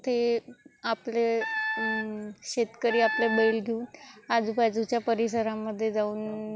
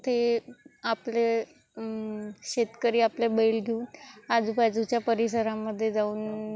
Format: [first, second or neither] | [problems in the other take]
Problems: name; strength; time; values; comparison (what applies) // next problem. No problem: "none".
second | background sound (Wind instrument, woodwind instrument); 5 dB below the speech